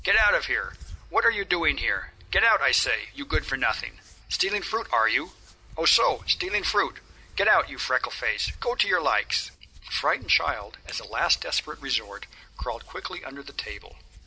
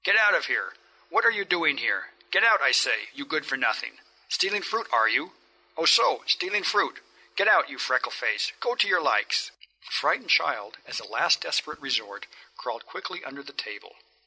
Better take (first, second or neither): second